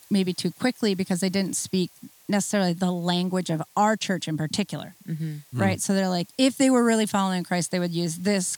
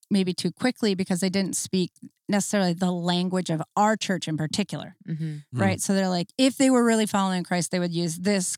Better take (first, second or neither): second